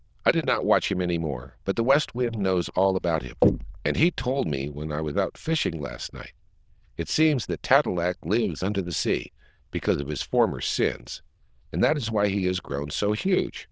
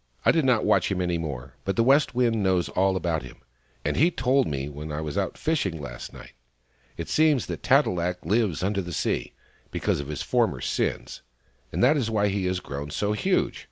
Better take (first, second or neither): second